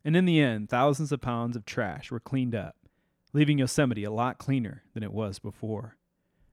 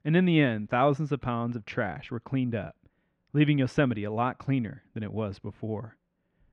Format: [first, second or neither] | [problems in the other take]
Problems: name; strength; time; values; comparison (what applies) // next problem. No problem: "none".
first | muffled; slightly; fading above 2.5 kHz